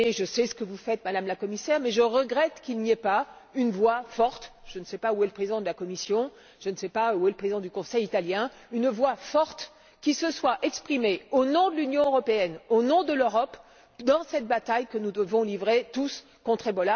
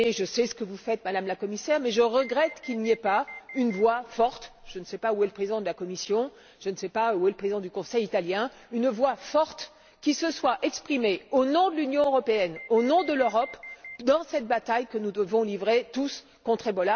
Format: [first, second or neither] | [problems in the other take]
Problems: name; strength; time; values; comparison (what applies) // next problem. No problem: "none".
first | background sound (Alarm); 17 dB below the speech